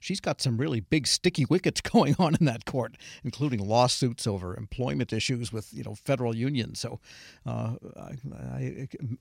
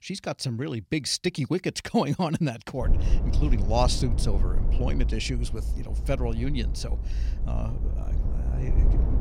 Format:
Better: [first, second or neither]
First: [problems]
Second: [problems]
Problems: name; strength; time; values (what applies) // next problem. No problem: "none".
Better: first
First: none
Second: low rumble; noticeable; from 3 s on; 15 dB below the speech